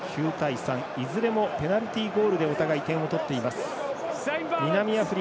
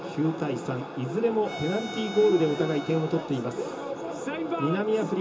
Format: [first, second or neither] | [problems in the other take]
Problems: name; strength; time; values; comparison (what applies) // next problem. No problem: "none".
first | background sound (Bowed string instrument); 17 dB below the speech // room echo; dies away in 0.2 s